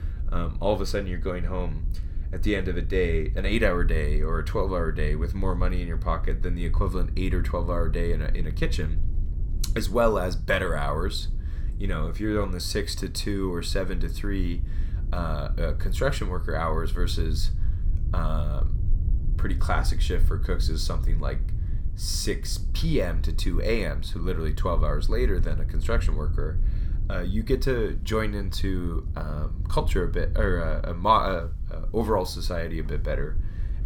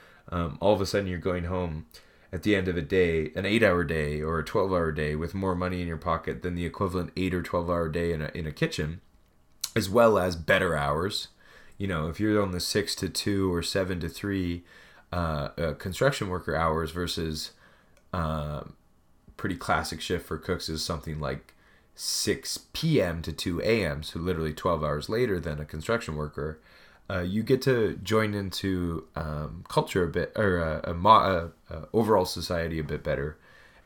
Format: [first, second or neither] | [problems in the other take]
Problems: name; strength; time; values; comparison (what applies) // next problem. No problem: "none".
second | low rumble; noticeable; throughout; 20 dB below the speech